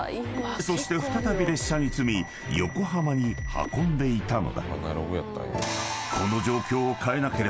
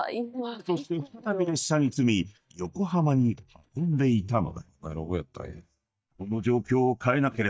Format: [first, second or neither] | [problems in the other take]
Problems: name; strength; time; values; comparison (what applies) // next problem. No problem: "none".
first | noise reduction (neural mask model DeepFilterNet 3)